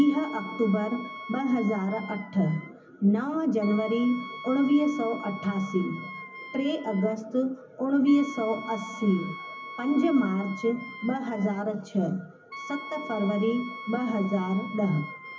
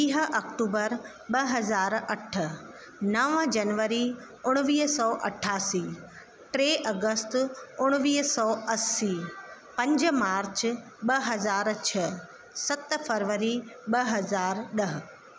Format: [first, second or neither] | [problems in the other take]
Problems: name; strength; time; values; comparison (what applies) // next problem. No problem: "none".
second | background sound (Wind instrument, woodwind instrument); 14 dB below the speech // room echo; dies away in 0.3 s